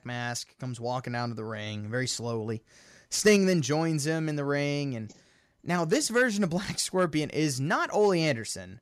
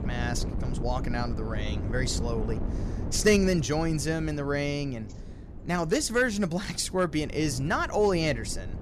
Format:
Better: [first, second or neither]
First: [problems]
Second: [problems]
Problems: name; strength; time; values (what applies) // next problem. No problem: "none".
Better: first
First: none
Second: wind noise on the microphone; occasional gusts; 15 dB below the speech